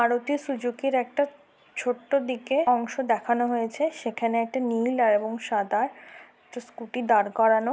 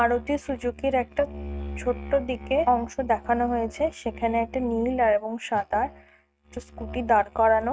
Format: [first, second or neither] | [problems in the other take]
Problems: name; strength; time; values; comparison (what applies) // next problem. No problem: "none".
first | noise reduction (neural mask model RNNoise)